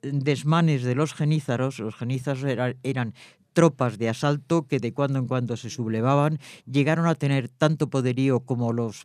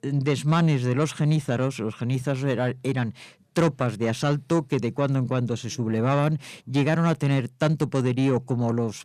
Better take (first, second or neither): first